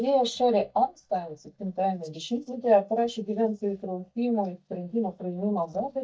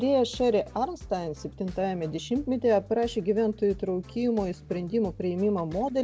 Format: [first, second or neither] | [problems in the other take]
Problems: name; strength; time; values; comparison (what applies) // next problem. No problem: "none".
second | noise reduction (neural mask model DeepFilterNet 3)